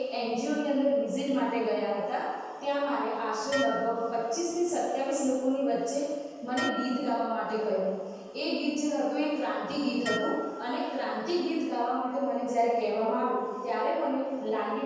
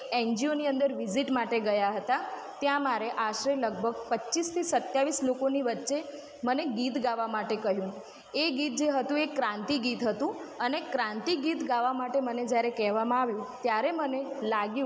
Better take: second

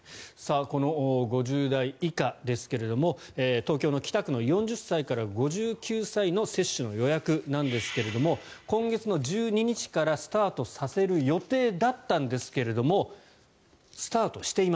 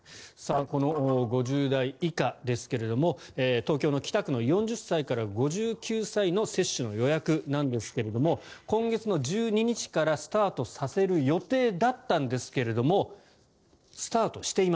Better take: first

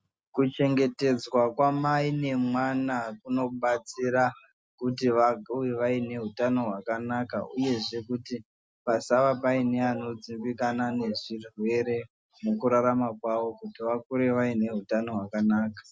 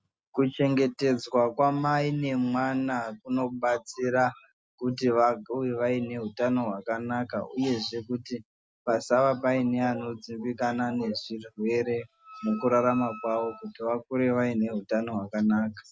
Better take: first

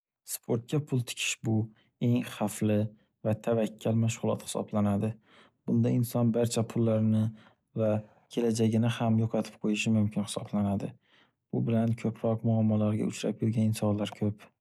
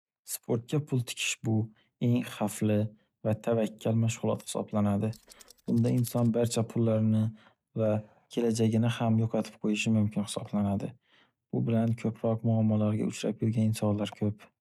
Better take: first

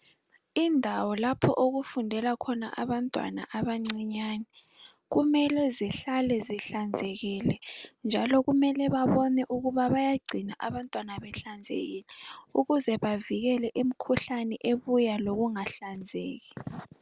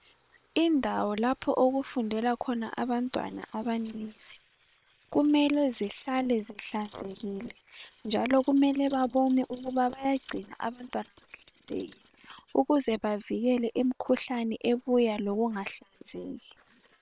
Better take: first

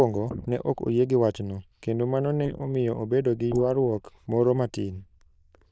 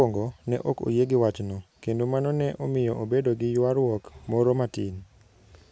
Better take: second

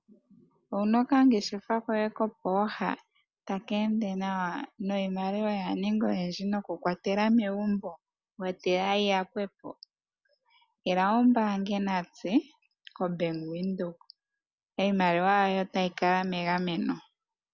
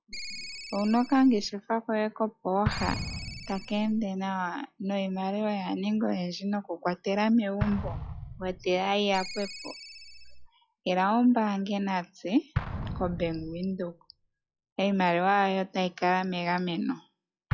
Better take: first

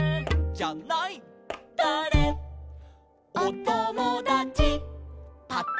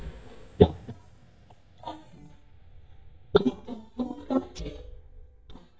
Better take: first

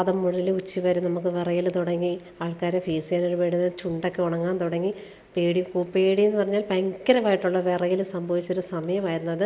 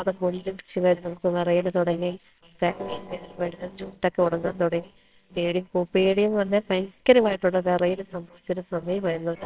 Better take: first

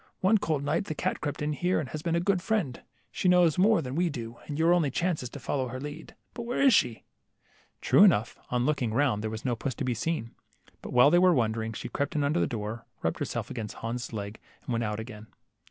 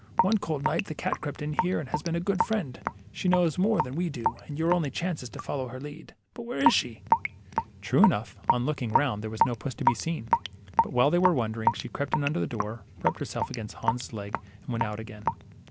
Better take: first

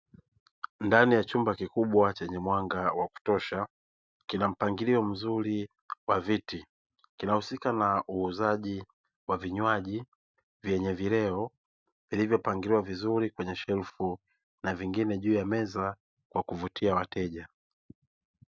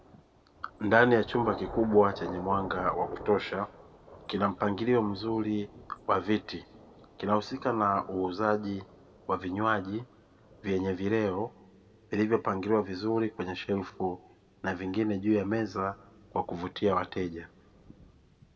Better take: first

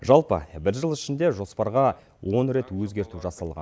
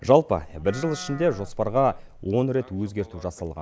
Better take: first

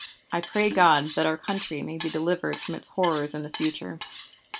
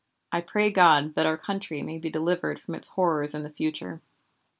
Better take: second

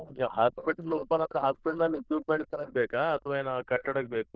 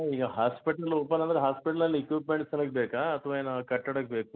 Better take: second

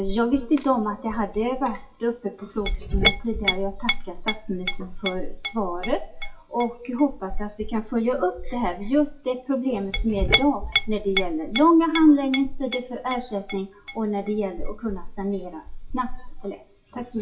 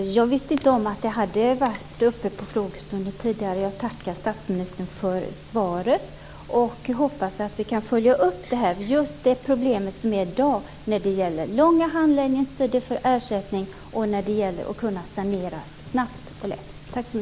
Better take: second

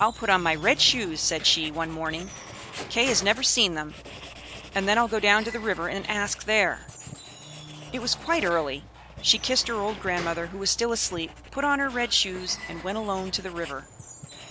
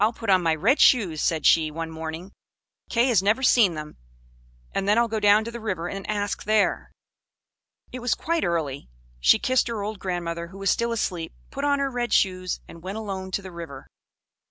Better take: second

